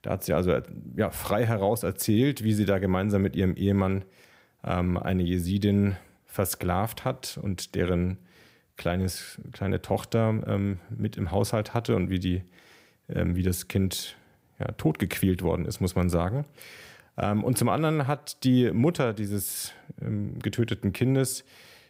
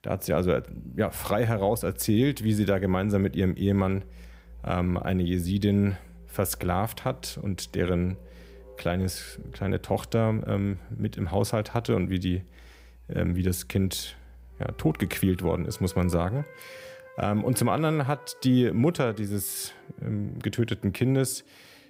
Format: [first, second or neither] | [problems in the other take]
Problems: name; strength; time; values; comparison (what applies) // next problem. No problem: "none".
first | background music; faint; throughout; 20 dB below the speech